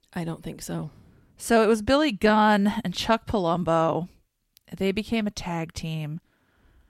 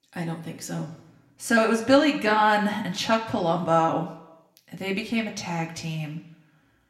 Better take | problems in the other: first | room echo; very slight; dies away in 0.7 s

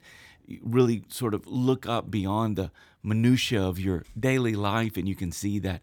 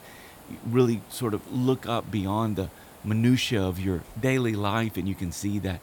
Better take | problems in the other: first | hiss; faint; throughout; 20 dB below the speech

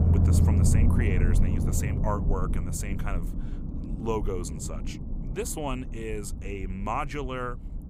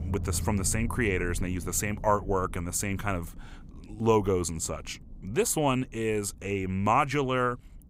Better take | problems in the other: second | low rumble; loud; throughout; 5 dB below the speech; faint in the second

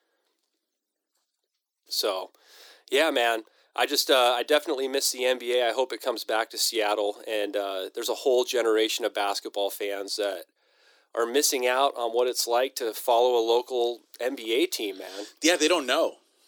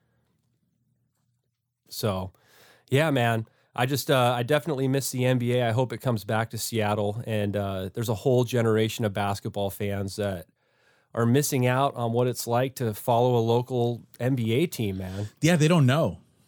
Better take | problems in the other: second | thin; very; fading below 300 Hz

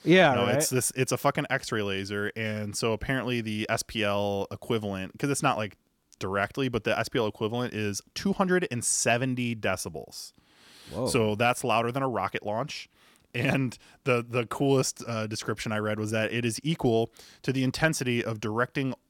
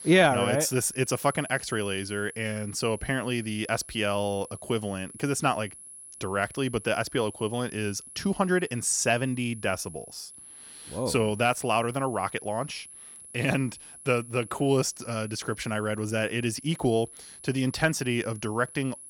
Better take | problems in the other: first | high-pitched whine; noticeable; throughout; 10.5 kHz, 15 dB below the speech

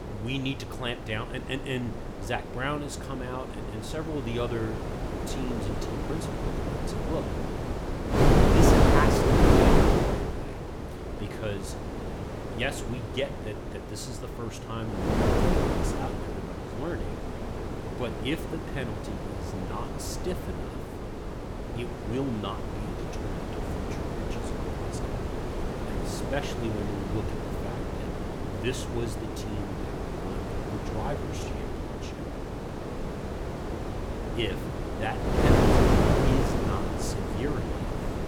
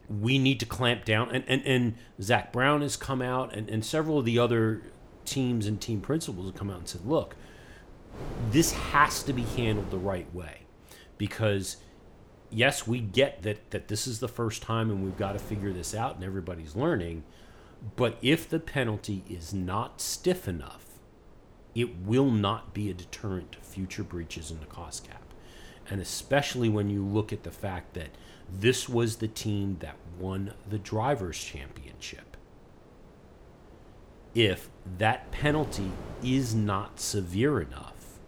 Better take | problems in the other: second | wind noise on the microphone; heavy; 4 dB above the speech; occasional gusts in the second

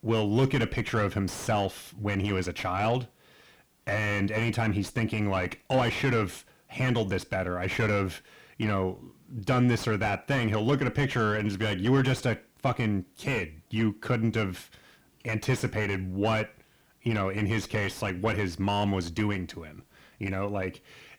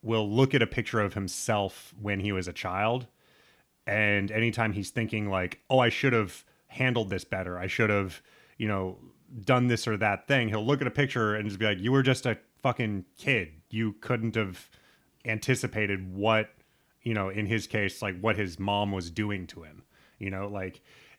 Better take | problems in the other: second | distortion; heavy; 6 dB below the speech

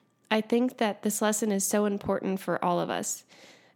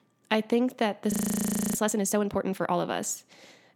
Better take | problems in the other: first | audio freezing; at 1 s for 0.5 s

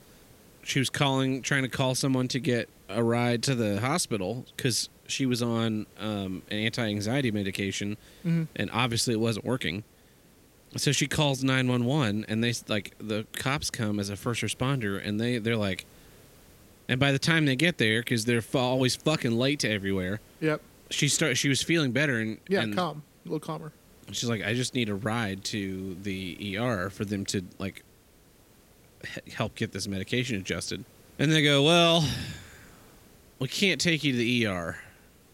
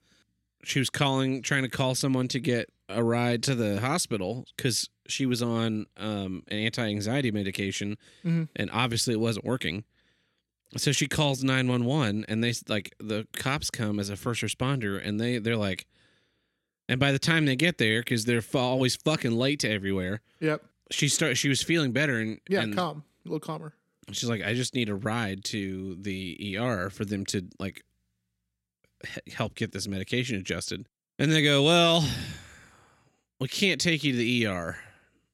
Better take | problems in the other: second | hiss; faint; throughout; 30 dB below the speech

